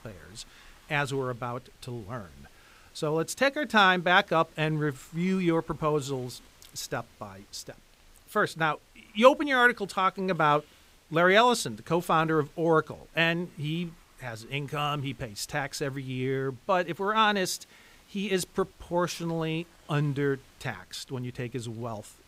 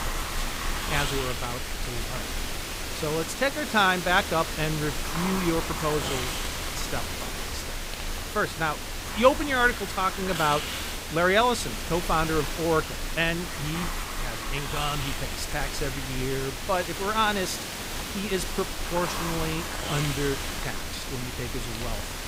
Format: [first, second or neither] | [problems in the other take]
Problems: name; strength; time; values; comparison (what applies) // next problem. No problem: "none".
first | hiss; loud; throughout; 4 dB below the speech; faint in the first